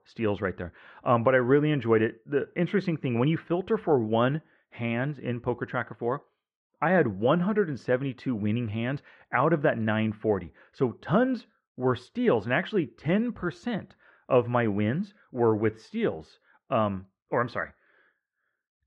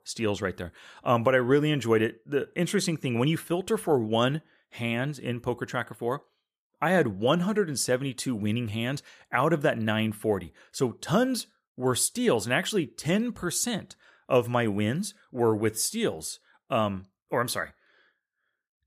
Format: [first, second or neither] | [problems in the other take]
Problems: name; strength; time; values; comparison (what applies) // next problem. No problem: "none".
second | muffled; very; fading above 2.5 kHz